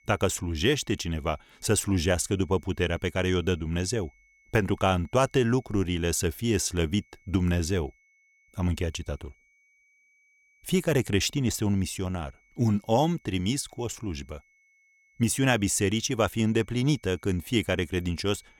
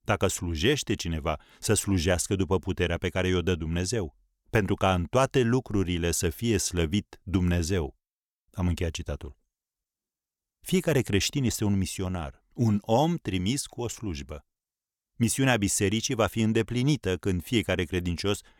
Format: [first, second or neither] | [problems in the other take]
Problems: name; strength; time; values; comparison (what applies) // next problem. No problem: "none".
second | high-pitched whine; faint; throughout; 2 kHz, 35 dB below the speech